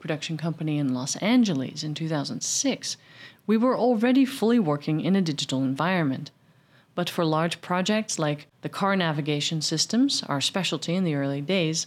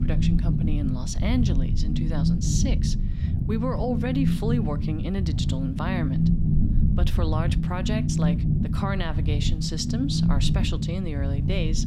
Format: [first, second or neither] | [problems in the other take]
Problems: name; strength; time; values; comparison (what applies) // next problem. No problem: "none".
first | low rumble; loud; throughout; 3 dB below the speech